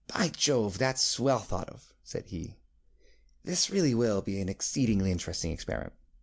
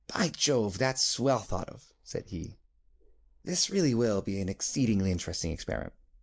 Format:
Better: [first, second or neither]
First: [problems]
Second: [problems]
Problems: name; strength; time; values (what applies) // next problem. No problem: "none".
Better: first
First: none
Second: noise reduction (neural mask model Resemble Enhance denoiser)